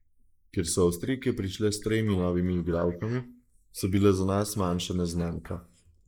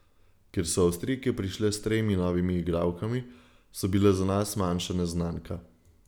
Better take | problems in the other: second | noise reduction (neural mask model Resemble Enhance denoiser)

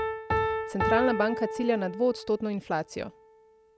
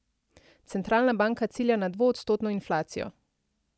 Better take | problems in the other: second | background sound (Piano); 3 dB below the speech

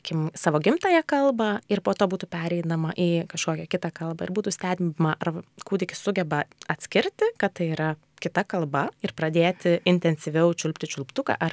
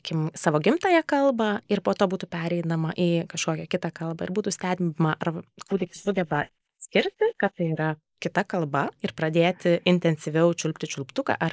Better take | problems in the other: first | noise reduction (neural mask model Resemble Enhance denoiser)

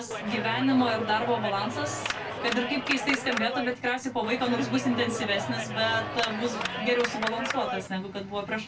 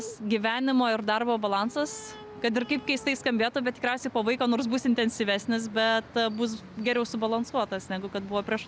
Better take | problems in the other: second | background sound (Clapping); 4 dB below the speech // room echo; dies away in 0.2 s

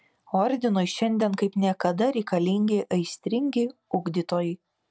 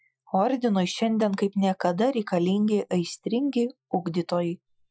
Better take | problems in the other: first | noise reduction (classical method Wiener filter)

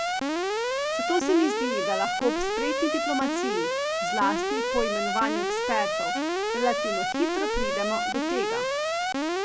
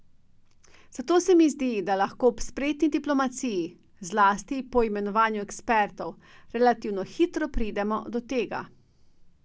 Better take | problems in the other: second | background sound (Alarm); 3 dB above the speech

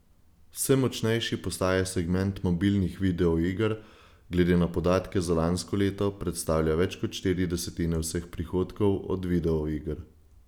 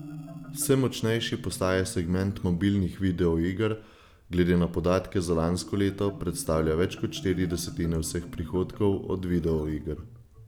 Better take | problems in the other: first | background sound (Marimba, xylophone); 16 dB below the speech

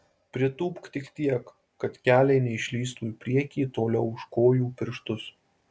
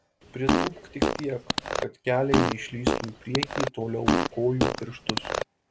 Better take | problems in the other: first | background sound (Fart); 3 dB above the speech

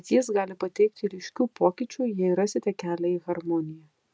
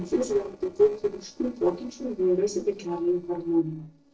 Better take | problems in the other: first | noise reduction (neural separator model SepFormer DNS4)

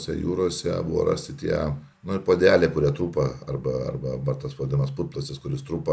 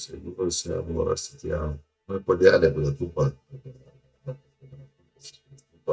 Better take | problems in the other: first | noise reduction (neural mask model DeepFilterNet 3)

